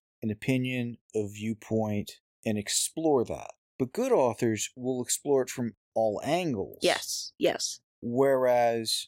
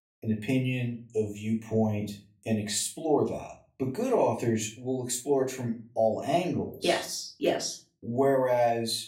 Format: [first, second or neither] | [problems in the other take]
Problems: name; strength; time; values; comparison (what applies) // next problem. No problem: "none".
first | off-mic speech; far // room echo; slight; dies away in 0.3 s